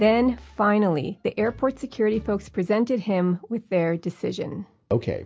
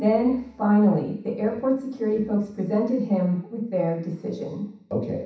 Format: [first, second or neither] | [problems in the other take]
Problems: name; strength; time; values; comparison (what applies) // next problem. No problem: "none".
first | room echo; dies away in 0.7 s